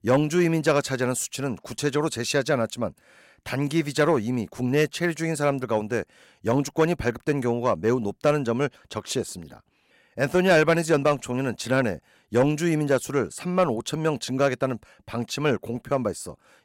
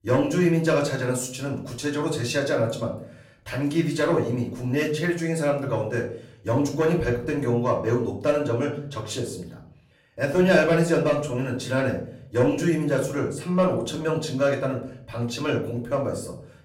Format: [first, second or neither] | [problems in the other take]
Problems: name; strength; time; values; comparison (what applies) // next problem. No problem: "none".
first | off-mic speech; far // room echo; slight; dies away in 0.5 s